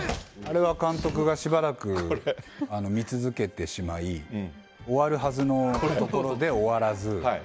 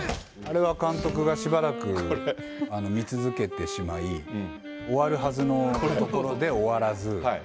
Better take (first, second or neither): first